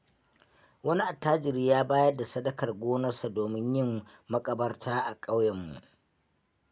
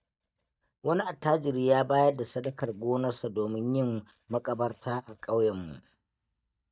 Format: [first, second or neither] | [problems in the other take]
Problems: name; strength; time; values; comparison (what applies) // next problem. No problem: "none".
first | noise reduction (neural mask model DeepFilterNet 3)